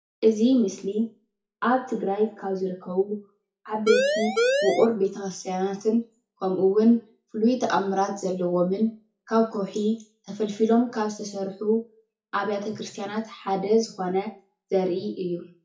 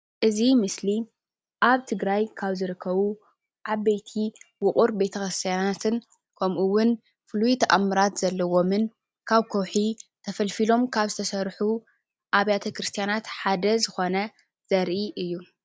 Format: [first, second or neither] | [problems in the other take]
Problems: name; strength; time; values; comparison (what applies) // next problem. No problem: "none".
second | noise reduction (classical method WPE with log-MMSE)